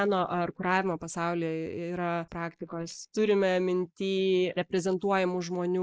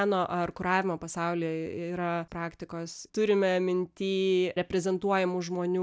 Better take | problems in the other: second | noise reduction (neural mask model Resemble Enhance denoiser)

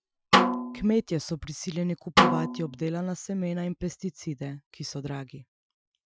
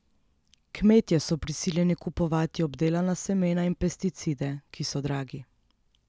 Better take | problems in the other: second | noise reduction (classical method Wiener filter)

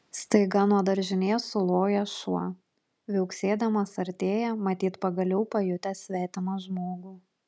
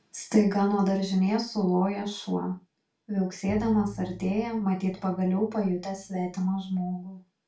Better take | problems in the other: first | background sound (Bowed string instrument); 18 dB below the speech // room echo; dies away in 0.3 s

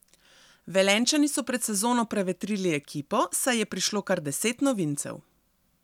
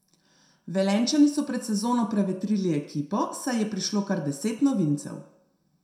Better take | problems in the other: first | room echo; dies away in 0.6 s

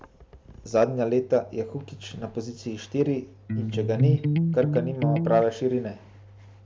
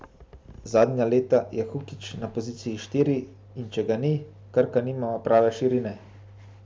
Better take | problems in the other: second | background sound (Electric guitar); 2 dB above the speech

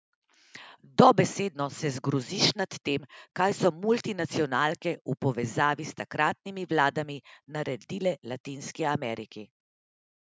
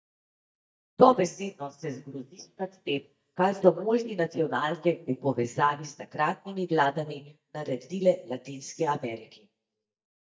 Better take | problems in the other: first | noise reduction (neural mask model DeepFilterNet 3)

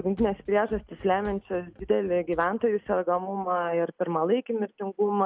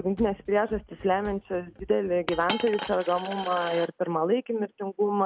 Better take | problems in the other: first | background sound (Coin (dropping)); 13 dB below the speech

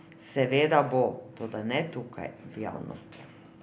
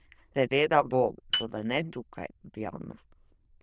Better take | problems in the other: first | noise reduction (neural diffusion model UNIVERSE++)

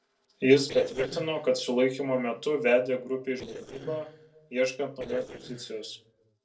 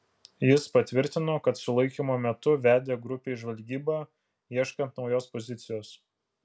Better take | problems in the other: second | noise reduction (neural separator model SepFormer DNS4)

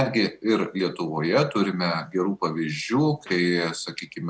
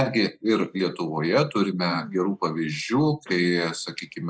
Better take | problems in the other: first | noise reduction (neural mask model Resemble Enhance denoiser)

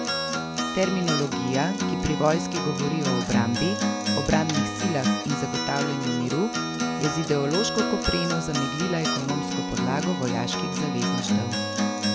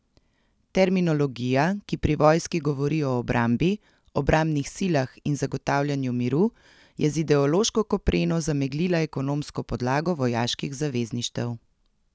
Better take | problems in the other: second | background sound (Acoustic guitar); 1 dB above the speech

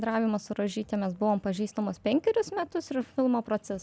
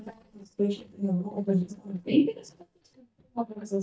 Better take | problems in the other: first | noise reduction (neural mask model DeepFilterNet 3)

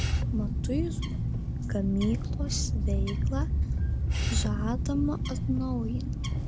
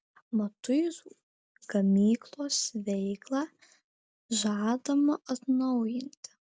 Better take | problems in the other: second | background sound (Bird); 5 dB above the speech

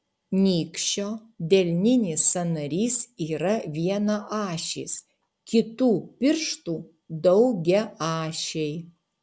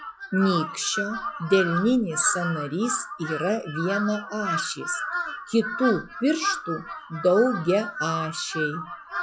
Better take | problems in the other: first | noise reduction (classical method log-MMSE)

